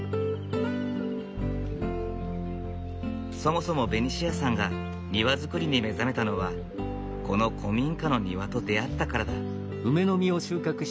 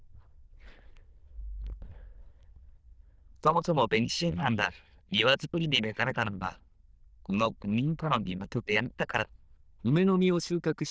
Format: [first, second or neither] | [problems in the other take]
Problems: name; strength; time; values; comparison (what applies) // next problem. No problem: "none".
first | noise reduction (neural diffusion model UNIVERSE++)